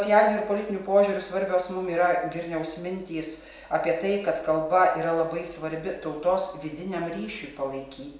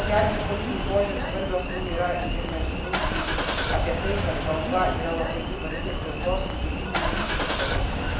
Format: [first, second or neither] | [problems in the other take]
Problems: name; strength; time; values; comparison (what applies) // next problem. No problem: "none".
first | background sound (Engine starting / Car); 3 dB above the speech